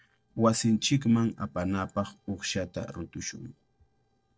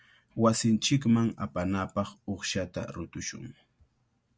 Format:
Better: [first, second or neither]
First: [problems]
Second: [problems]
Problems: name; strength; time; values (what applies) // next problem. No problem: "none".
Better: second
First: noise reduction (neural separator model SepFormer DNS4)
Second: none